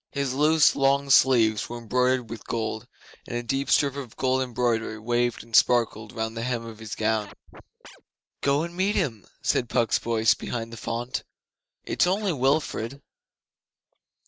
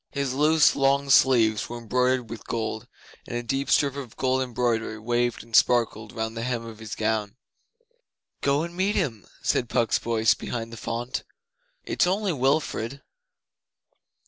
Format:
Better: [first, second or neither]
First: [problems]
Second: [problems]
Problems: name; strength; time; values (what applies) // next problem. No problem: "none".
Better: second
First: noise reduction (neural mask model RNNoise)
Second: none